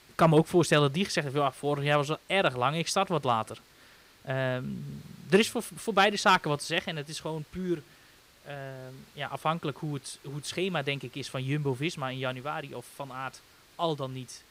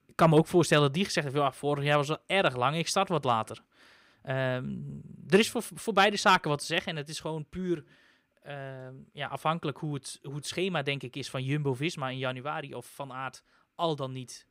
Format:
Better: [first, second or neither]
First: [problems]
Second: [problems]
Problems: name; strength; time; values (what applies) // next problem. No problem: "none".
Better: second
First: hiss; faint; throughout; 25 dB below the speech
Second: none